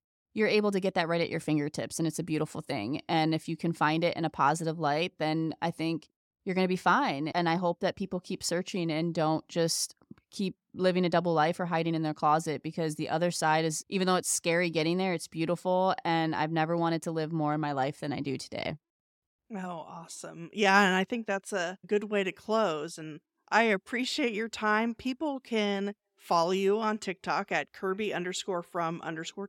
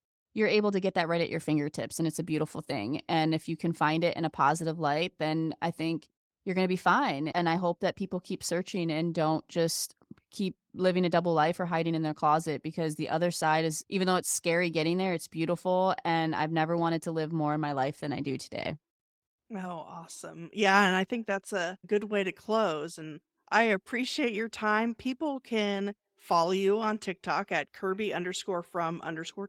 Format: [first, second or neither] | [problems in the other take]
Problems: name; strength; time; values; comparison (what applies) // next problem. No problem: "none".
first | garbled, watery; slightly; nothing above 16.5 kHz